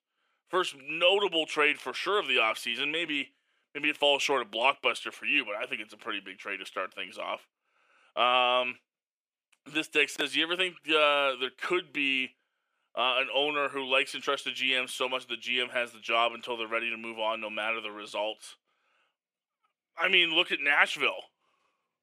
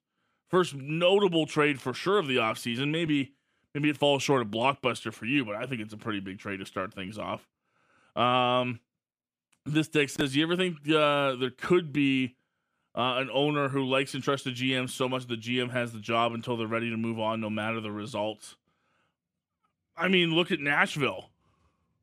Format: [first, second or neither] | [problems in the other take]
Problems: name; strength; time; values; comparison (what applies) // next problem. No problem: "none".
second | thin; somewhat; fading below 500 Hz